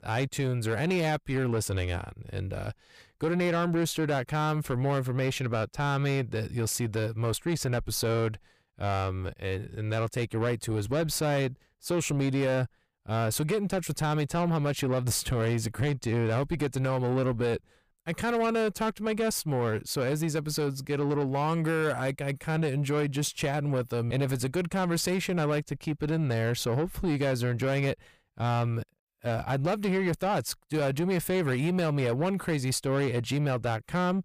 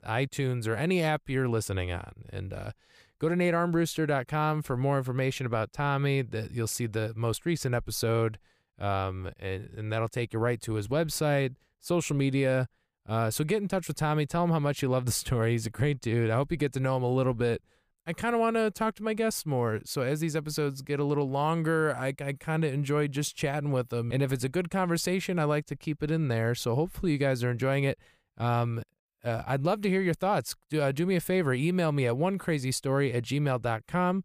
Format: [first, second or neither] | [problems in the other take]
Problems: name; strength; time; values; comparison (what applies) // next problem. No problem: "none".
second | distortion; slight; 10 dB below the speech